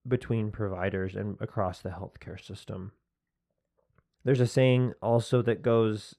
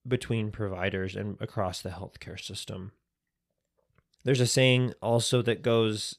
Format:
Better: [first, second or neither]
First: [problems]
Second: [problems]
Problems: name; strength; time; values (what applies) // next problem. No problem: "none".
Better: second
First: muffled; slightly; fading above 2 kHz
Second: none